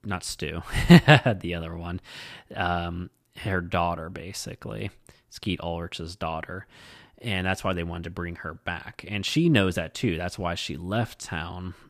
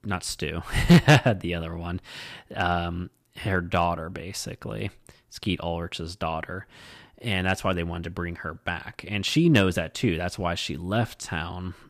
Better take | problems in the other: first | distortion; slight; 0.6% of the sound clipped

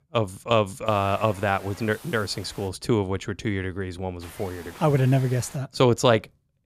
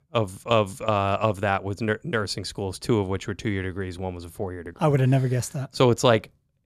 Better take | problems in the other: second | hiss; faint; from 1 to 2.5 s and from 4 to 5.5 s; 20 dB below the speech

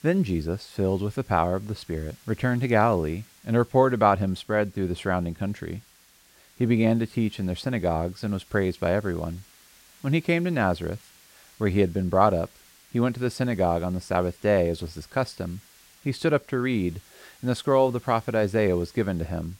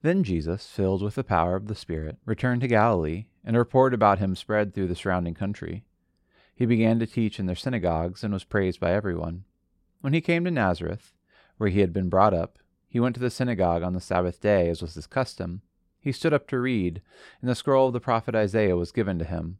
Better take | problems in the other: second | hiss; faint; throughout; 25 dB below the speech

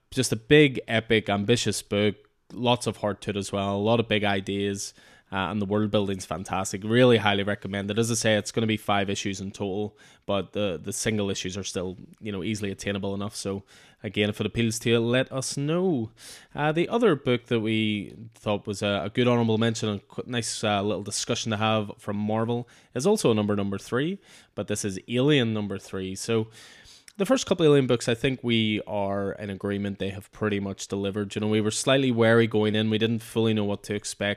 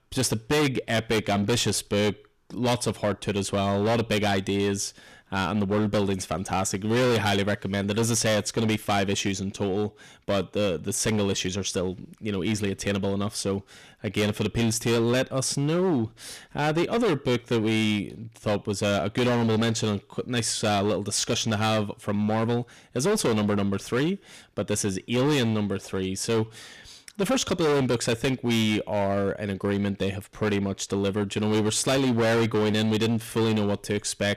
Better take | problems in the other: first | distortion; heavy; 15% of the sound clipped

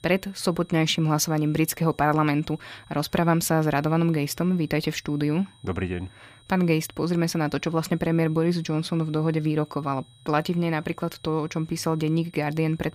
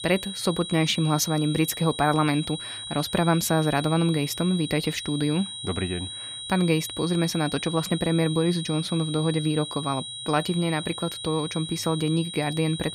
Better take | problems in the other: first | high-pitched whine; loud; throughout; 4 kHz, 8 dB below the speech; faint in the first

